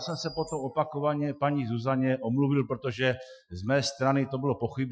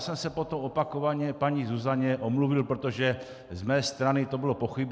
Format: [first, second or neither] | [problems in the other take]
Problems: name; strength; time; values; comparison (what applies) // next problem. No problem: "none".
second | noise reduction (classical method Wiener filter)